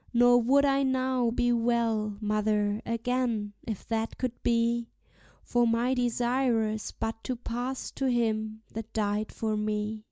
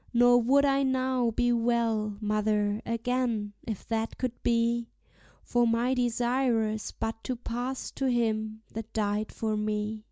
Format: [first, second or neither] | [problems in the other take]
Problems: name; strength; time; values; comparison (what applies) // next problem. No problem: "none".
second | noise reduction (neural mask model Resemble Enhance denoiser)